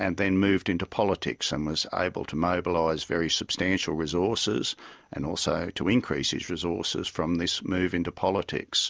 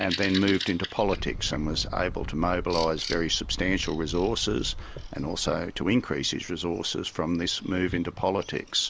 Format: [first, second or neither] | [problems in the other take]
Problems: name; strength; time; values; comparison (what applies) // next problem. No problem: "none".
first | background sound (Engine + Bird vocalization, bird call, bird song); 9 dB below the speech